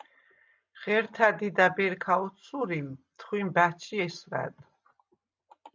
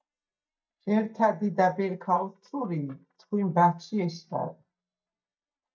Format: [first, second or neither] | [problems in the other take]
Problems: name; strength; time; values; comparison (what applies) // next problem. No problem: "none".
first | noise reduction (neural mask model DeepFilterNet 3)